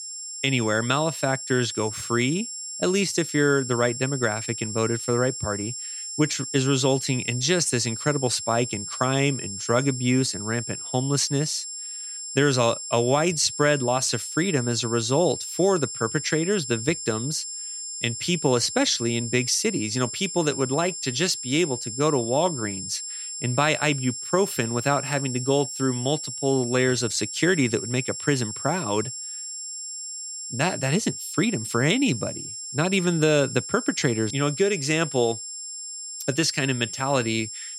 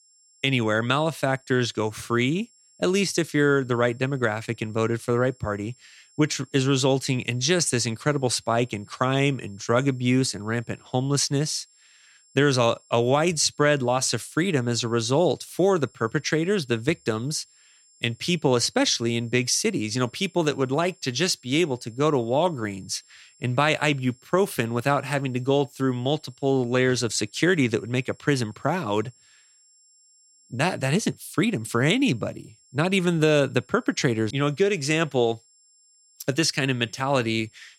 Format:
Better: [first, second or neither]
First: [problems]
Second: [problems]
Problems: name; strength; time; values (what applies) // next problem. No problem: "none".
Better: second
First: high-pitched whine; loud; throughout; 7.5 kHz, 7 dB below the speech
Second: high-pitched whine; faint; throughout; 7.5 kHz, 30 dB below the speech